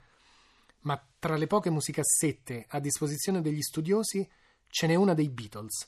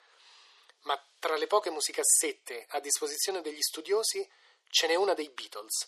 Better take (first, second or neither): first